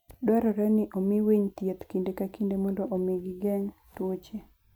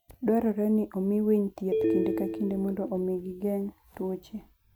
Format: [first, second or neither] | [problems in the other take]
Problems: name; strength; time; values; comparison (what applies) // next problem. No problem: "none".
first | background sound (Telephone); 2 dB below the speech